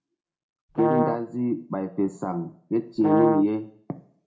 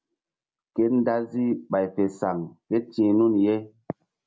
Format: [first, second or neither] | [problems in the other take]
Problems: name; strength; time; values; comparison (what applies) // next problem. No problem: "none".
second | background sound (Brass instrument); as loud as the speech // room echo; dies away in 0.4 s